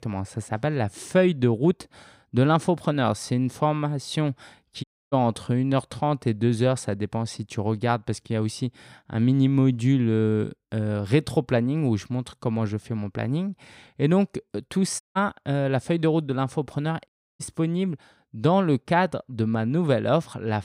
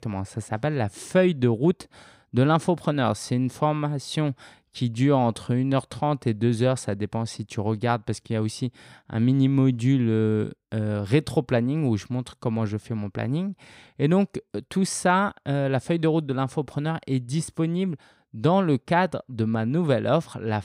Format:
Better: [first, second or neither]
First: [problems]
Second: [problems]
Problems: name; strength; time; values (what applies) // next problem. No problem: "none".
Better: second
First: audio cutting out; at 5 s, at 15 s and at 17 s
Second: none